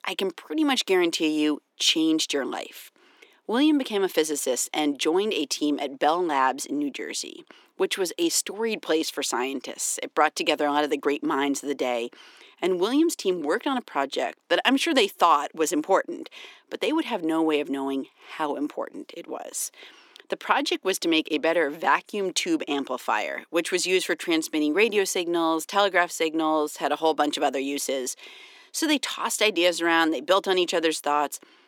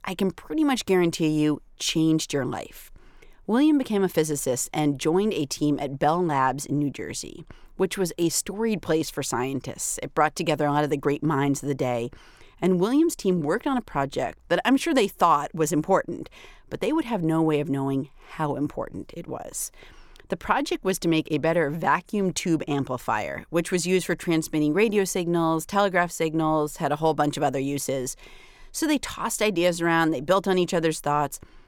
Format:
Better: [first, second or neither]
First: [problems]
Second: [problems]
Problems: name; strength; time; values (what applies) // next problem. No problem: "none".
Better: second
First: thin; very slightly; fading below 250 Hz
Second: none